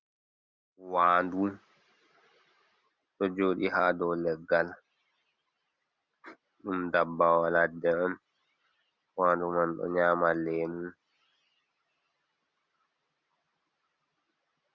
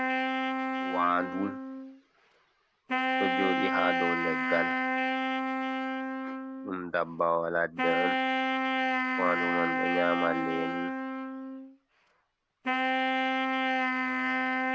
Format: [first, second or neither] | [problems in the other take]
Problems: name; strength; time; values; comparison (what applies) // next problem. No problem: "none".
first | background sound (Wind instrument, woodwind instrument); 4 dB above the speech